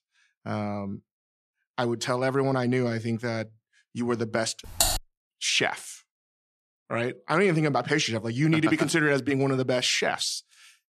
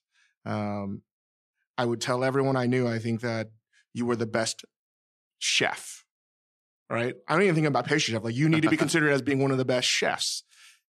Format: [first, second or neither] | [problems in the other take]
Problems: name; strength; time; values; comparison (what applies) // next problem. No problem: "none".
second | keyboard typing; loud; at 5 s; peak 2 dB above the speech